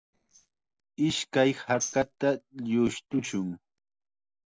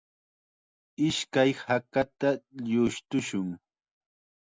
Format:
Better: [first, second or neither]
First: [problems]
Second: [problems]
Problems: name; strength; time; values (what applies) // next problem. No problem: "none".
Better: second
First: noise reduction (neural separator model SepFormer DNS4)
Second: none